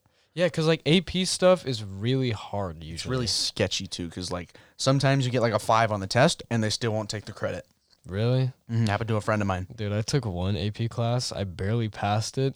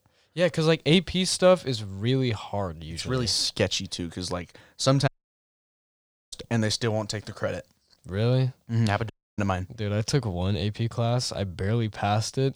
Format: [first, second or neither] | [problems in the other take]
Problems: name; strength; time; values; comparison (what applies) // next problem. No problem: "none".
first | audio cutting out; at 5 s for 1 s and at 9 s